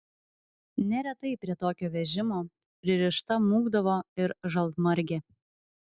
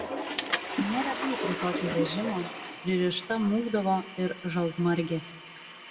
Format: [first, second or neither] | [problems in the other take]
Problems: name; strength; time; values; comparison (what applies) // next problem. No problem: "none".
first | background sound (Toilet flush / Water); 6 dB below the speech // room echo; dies away in 0.7 s